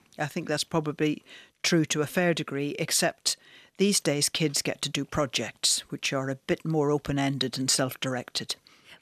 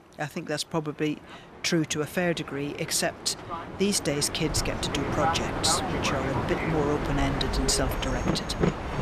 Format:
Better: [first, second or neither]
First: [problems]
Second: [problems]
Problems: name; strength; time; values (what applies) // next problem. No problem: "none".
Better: first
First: none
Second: train or aircraft noise; loud; throughout; 2 dB below the speech